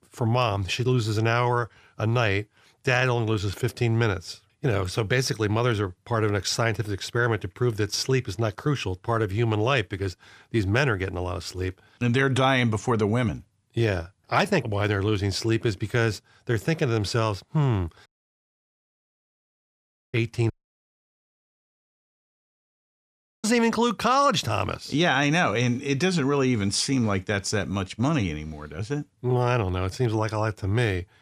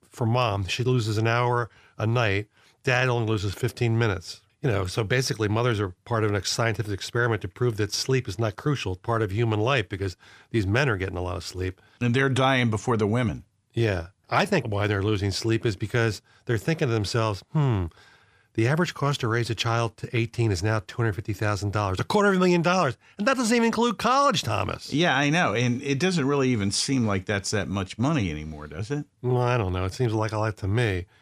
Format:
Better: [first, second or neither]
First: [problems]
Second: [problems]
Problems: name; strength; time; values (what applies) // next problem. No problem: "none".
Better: second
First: audio cutting out; at 18 s for 2 s and at 21 s for 3 s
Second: none